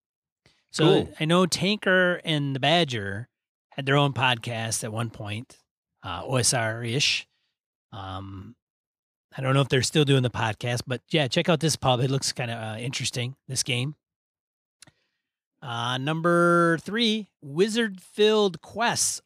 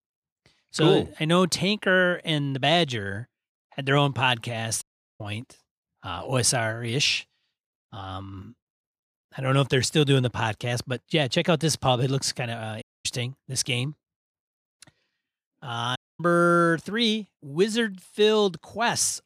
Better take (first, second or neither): first